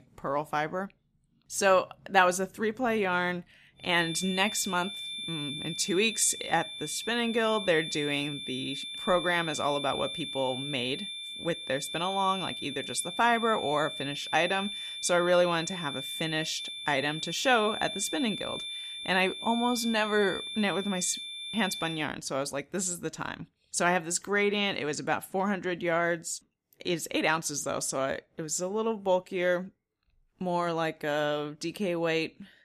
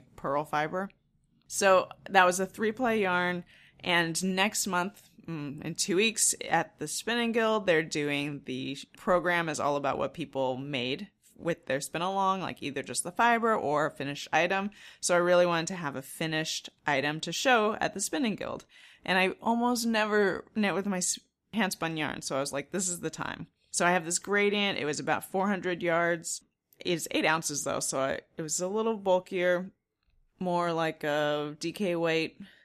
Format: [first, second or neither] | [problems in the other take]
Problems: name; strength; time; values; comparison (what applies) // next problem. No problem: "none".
second | high-pitched whine; loud; from 4 to 22 s; 3.5 kHz, 6 dB below the speech